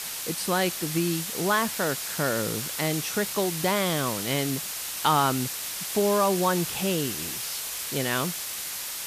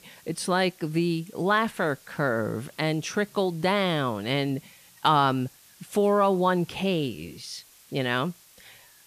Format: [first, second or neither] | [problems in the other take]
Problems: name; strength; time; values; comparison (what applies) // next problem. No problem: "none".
second | hiss; loud; throughout; 3 dB below the speech; faint in the second